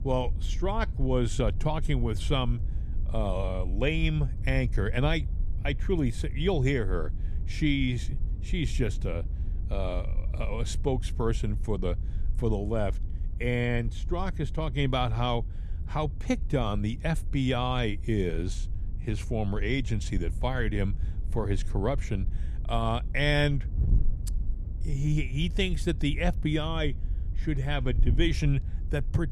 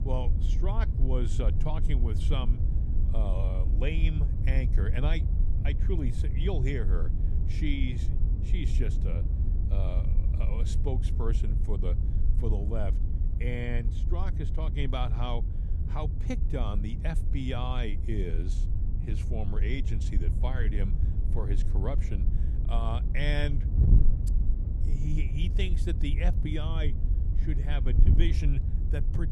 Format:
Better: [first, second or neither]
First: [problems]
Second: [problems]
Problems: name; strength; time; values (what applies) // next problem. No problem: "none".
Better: first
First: wind noise on the microphone; occasional gusts; 20 dB below the speech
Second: wind noise on the microphone; heavy; 7 dB below the speech